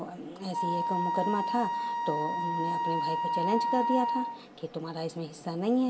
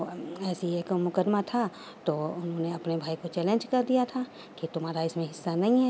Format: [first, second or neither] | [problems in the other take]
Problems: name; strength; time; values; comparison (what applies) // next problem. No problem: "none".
second | background sound (Wind instrument, woodwind instrument); as loud as the speech // room echo; dies away in 0.3 s